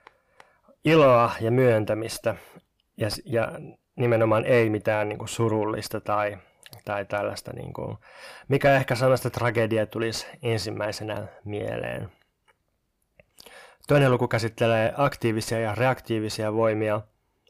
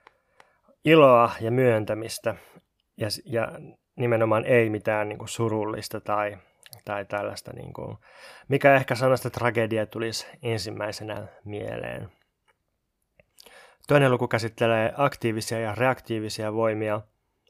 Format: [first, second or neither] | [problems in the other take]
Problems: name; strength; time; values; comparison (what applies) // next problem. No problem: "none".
second | distortion; slight; 10 dB below the speech